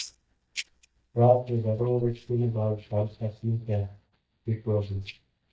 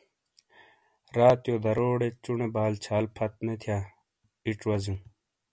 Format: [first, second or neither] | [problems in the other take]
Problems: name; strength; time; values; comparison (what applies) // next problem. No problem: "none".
second | noise reduction (neural mask model DeepFilterNet 3)